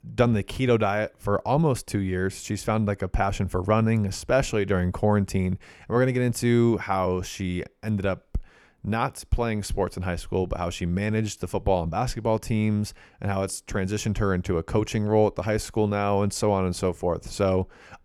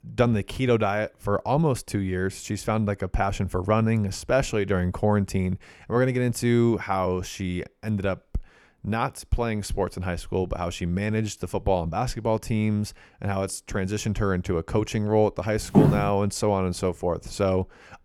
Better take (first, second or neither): first